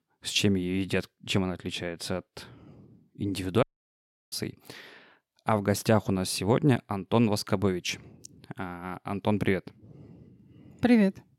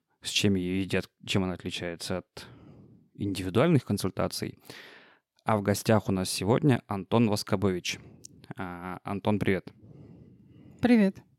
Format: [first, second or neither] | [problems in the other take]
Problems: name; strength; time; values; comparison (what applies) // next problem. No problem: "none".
second | audio cutting out; at 3.5 s for 0.5 s